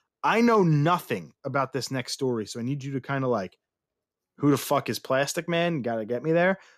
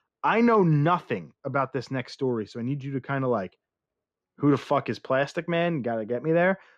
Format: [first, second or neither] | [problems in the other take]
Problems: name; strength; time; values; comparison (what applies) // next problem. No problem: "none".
first | muffled; slightly; fading above 3 kHz